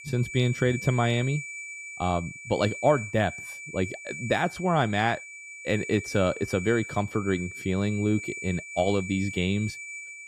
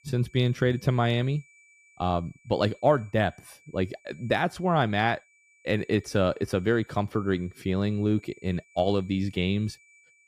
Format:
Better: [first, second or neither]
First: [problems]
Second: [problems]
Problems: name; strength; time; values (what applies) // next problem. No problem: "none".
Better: second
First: high-pitched whine; loud; throughout; 2.5 kHz, 10 dB below the speech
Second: high-pitched whine; faint; throughout; 2.5 kHz, 30 dB below the speech